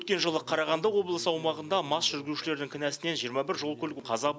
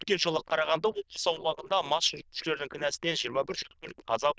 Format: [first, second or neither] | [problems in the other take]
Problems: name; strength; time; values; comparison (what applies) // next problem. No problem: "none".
first | noise reduction (neural diffusion model UNIVERSE++)